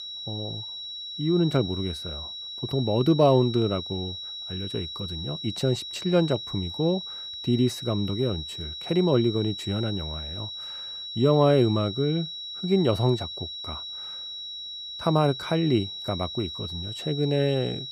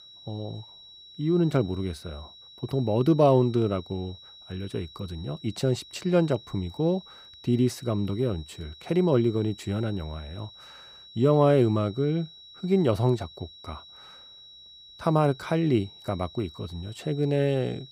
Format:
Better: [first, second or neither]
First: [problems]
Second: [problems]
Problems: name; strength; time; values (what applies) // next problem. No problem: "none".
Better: second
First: high-pitched whine; loud; throughout; 4 kHz, 8 dB below the speech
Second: high-pitched whine; faint; throughout; 4 kHz, 20 dB below the speech